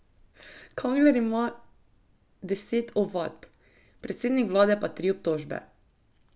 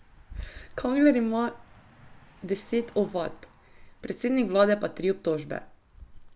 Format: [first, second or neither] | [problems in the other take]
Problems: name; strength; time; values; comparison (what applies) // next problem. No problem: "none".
first | background sound (Wind / Bird + Car passing by); 19 dB below the speech